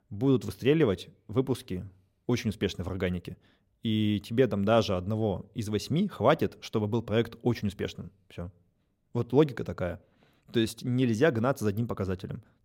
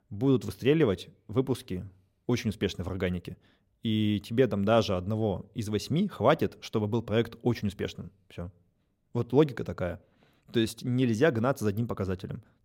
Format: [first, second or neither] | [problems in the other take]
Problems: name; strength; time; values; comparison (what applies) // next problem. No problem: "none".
neither | none